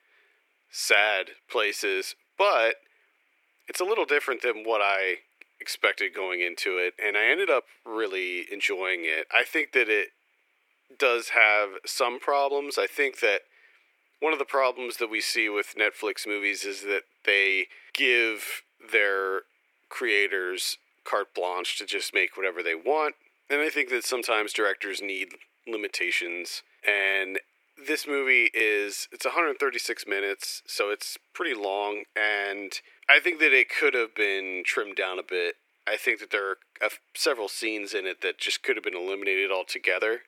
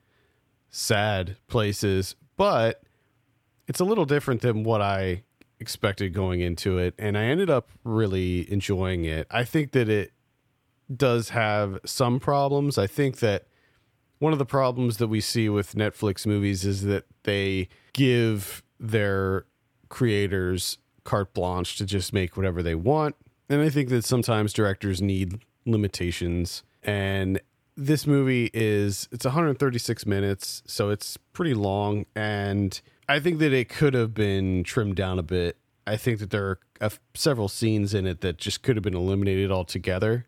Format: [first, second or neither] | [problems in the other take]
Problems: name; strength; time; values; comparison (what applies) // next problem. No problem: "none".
second | thin; very; fading below 350 Hz